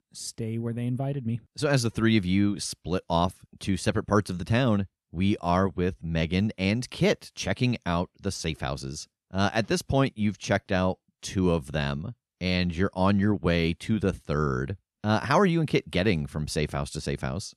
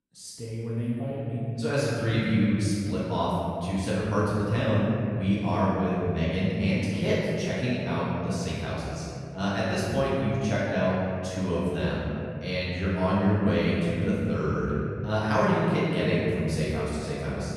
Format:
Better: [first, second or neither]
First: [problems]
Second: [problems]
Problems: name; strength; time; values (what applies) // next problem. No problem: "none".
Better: first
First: none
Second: room echo; strong; dies away in 2.4 s // off-mic speech; far